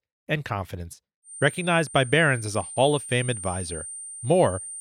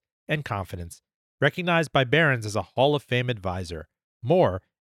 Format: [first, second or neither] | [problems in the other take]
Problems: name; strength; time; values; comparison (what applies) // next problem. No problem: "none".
second | high-pitched whine; noticeable; from 1.5 s on; 9 kHz, 10 dB below the speech